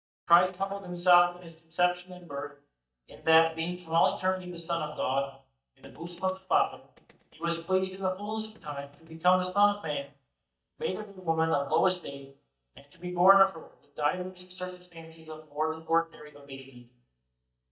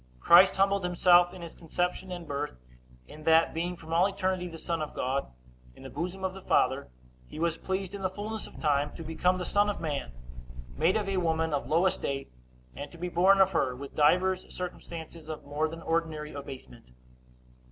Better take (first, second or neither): second